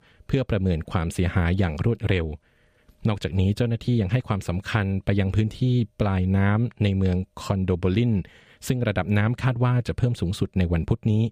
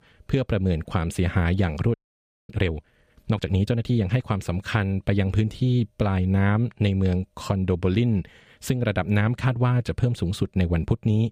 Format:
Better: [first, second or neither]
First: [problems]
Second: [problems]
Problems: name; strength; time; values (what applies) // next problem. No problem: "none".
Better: first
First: none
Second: audio freezing; at 2 s for 0.5 s